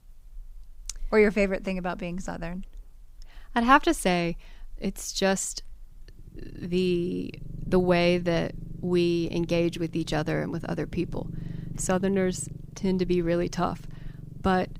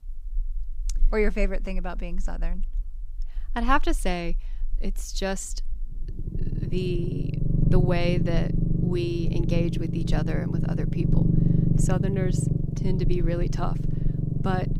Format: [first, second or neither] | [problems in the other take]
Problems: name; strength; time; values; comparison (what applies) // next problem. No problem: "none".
first | low rumble; loud; throughout; 4 dB below the speech; faint in the first